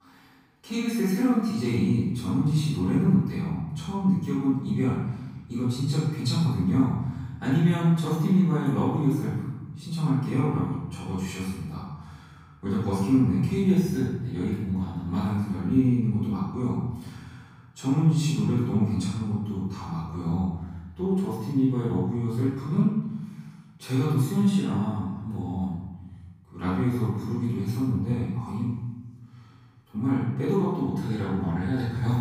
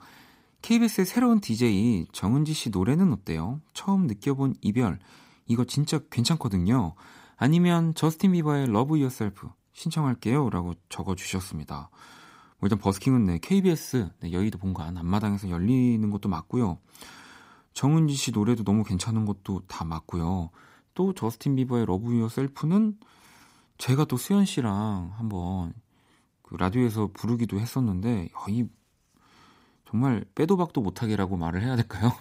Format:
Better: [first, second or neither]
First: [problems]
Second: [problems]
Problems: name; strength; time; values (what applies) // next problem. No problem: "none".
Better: second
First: off-mic speech; far // room echo; strong; dies away in 1.3 s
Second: none